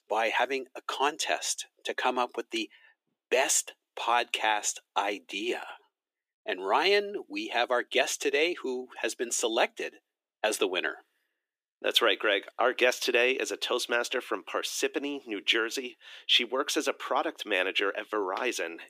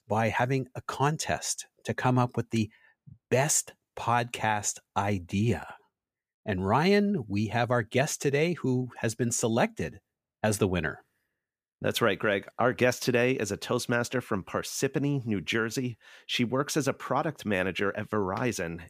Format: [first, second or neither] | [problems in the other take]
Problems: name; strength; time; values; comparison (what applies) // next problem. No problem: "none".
second | thin; very; fading below 300 Hz